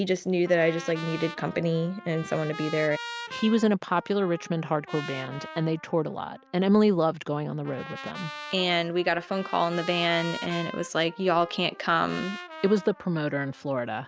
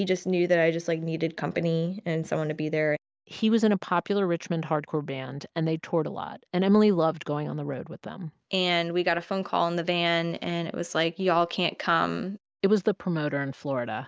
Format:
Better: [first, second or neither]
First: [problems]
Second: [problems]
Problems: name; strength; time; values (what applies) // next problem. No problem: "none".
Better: second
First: background sound (Trumpet); 15 dB below the speech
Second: none